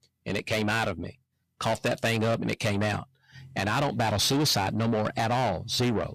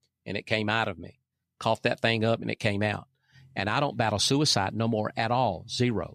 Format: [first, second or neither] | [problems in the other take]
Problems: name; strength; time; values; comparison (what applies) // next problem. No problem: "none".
second | distortion; heavy; 6 dB below the speech